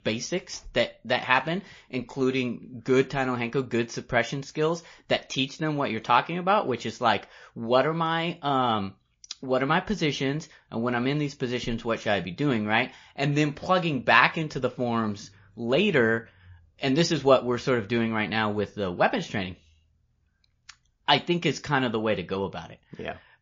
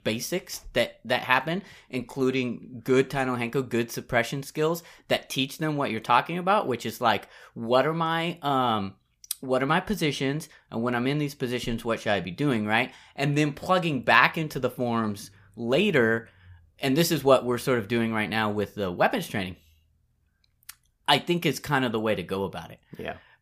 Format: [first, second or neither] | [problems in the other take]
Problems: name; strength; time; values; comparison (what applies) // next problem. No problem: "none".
second | garbled, watery; slightly; nothing above 6.5 kHz